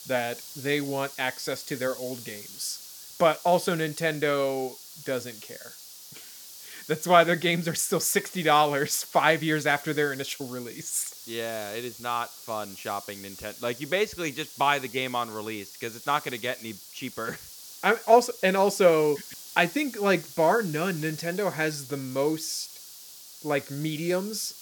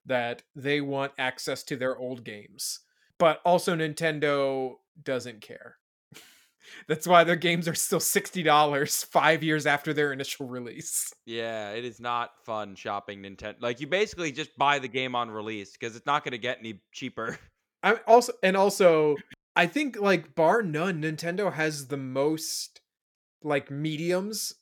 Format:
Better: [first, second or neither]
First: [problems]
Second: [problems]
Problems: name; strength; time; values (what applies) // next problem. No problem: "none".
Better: second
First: hiss; noticeable; throughout; 15 dB below the speech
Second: none